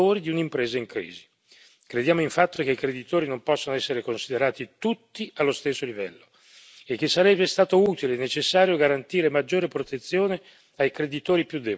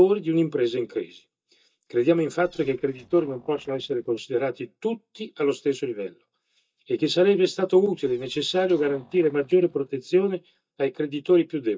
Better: first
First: none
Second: noise reduction (neural mask model DeepFilterNet 3)

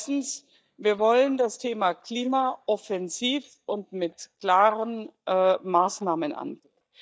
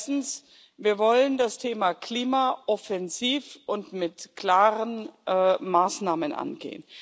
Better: second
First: noise reduction (neural mask model DeepFilterNet 3)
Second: none

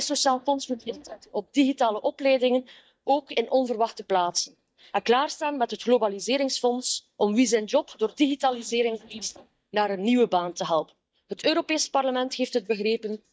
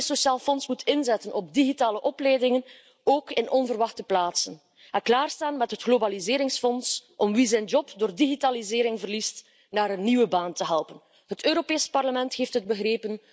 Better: second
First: noise reduction (neural mask model DeepFilterNet 3)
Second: none

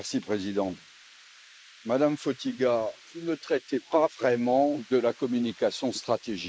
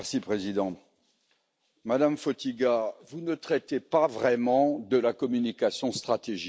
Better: second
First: noise reduction (neural mask model Resemble Enhance denoiser)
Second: none

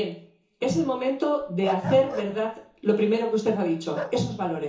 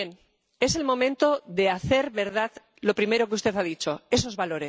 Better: second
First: background sound (Bark); 13 dB below the speech // room echo; dies away in 0.7 s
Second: none

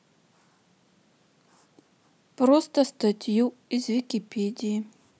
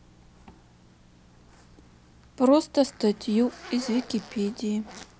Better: first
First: none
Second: background sound (Zipper (clothing)); 20 dB below the speech

